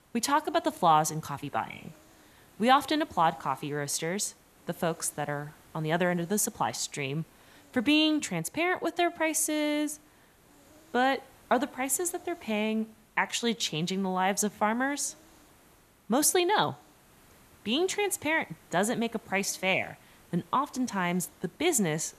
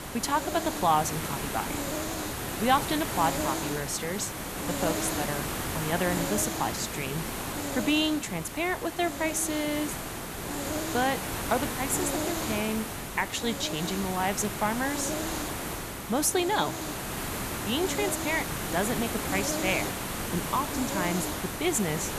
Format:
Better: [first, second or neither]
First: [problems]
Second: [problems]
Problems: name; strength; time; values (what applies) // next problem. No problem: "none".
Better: first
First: hiss; faint; throughout; 30 dB below the speech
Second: hiss; loud; throughout; 3 dB below the speech